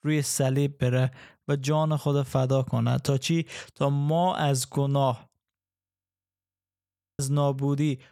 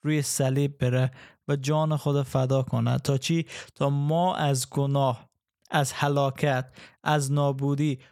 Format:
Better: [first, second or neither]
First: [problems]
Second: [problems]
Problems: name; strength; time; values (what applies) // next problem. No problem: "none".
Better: second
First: audio freezing; at 5.5 s for 1.5 s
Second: none